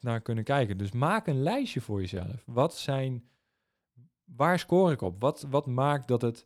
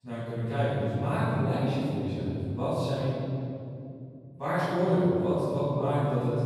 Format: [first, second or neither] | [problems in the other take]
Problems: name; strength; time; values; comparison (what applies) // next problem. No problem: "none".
first | off-mic speech; far // room echo; strong; dies away in 3 s